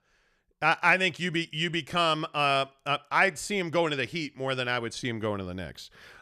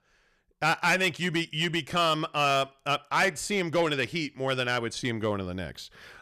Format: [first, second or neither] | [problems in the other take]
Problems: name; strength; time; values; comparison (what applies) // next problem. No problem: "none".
first | distortion; slight; 3% of the sound clipped